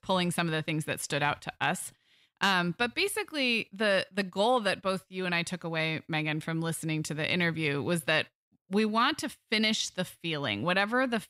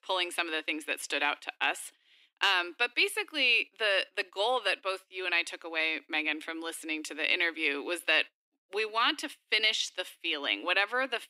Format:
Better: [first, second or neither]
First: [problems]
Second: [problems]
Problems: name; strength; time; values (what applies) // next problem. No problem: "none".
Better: first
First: none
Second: thin; somewhat; fading below 300 Hz